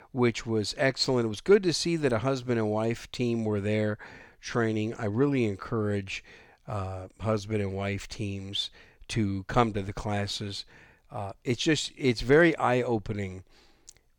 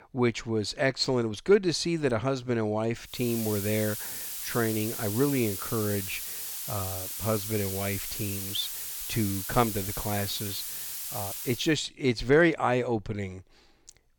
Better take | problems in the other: first | hiss; loud; from 3 to 12 s; 5 dB below the speech

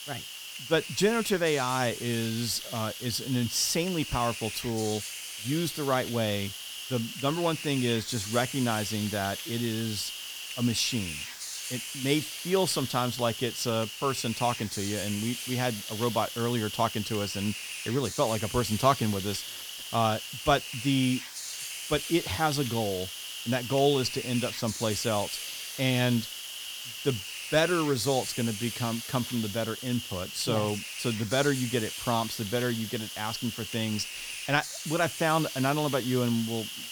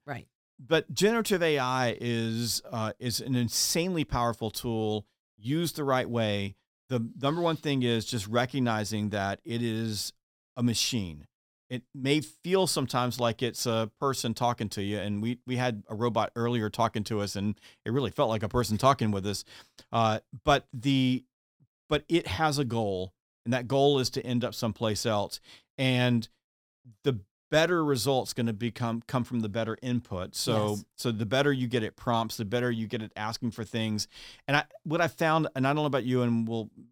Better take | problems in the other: second | hiss; loud; throughout; 6 dB below the speech

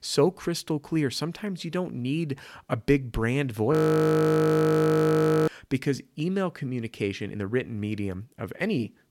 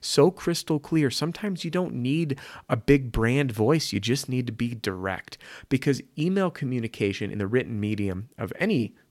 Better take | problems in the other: second | audio freezing; at 3.5 s for 1.5 s

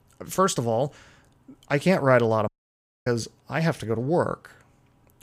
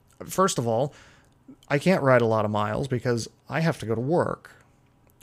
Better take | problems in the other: second | audio cutting out; at 2.5 s for 0.5 s

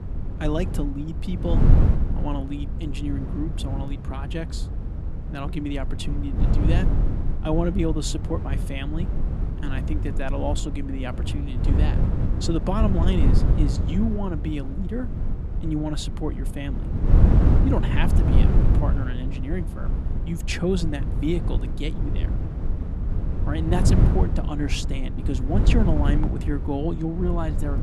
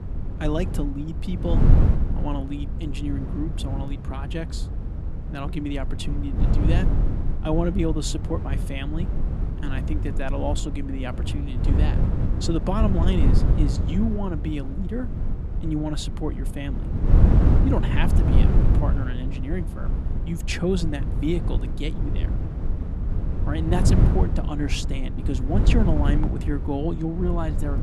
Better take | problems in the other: neither | wind noise on the microphone; heavy; 4 dB below the speech; the same in both

